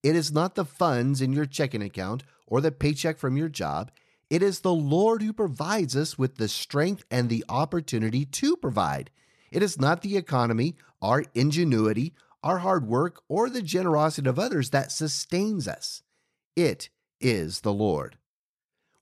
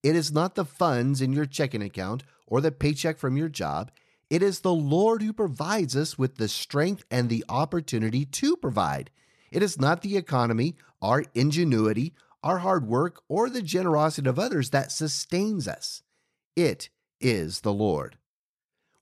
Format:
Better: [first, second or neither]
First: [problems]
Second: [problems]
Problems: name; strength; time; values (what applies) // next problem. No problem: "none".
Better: neither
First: none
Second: none